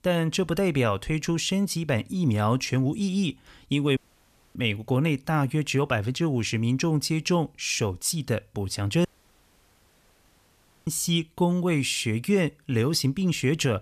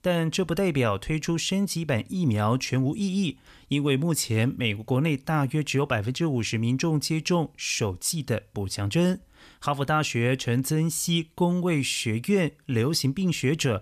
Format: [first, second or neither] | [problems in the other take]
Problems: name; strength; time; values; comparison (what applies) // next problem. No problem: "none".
second | audio cutting out; at 4 s for 0.5 s and at 9 s for 2 s